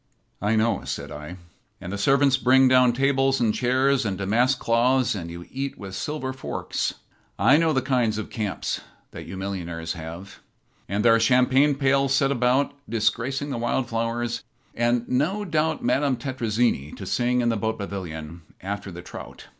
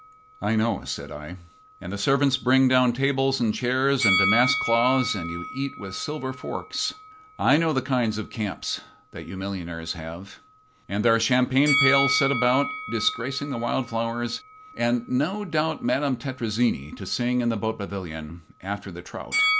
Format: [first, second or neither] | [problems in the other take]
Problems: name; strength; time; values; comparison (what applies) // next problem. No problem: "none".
first | background sound (Bell); 7 dB below the speech